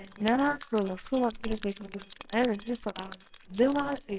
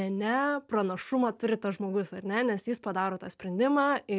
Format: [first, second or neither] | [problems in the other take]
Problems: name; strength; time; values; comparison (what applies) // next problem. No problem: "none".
second | noise reduction (neural separator model SepFormer WHAMR!)